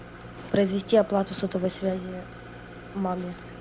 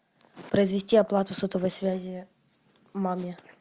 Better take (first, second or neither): second